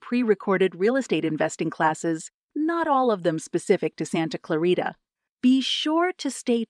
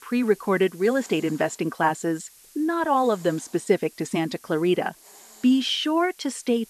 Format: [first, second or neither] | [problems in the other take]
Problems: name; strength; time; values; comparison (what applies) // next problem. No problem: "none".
first | hiss; faint; throughout; 25 dB below the speech